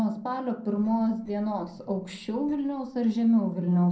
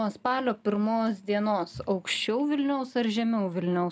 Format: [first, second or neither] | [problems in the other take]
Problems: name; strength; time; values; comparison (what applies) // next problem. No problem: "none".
second | noise reduction (neural separator model SepFormer DNS4)